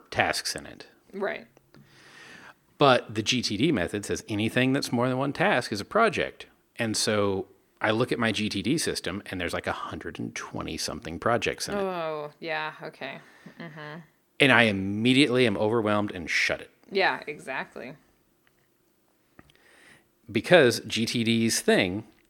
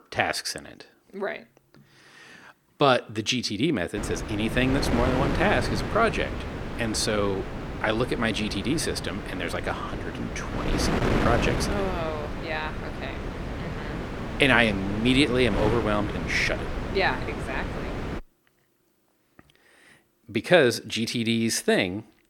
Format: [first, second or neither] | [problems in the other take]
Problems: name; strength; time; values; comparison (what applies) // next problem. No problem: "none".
first | wind noise on the microphone; heavy; from 4 to 18 s; 7 dB below the speech